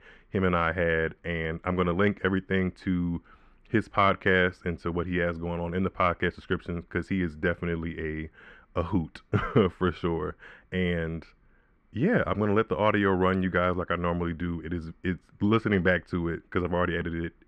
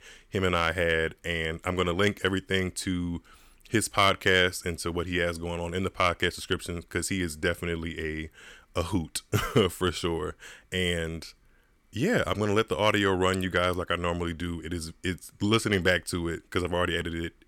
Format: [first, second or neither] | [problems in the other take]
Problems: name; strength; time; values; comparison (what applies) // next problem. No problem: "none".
second | muffled; very; fading above 1.5 kHz